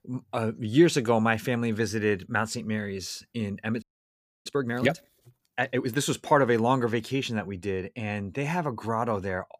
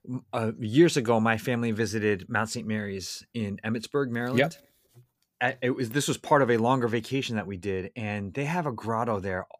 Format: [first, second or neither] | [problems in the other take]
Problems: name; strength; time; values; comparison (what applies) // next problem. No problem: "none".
second | audio freezing; at 4 s for 0.5 s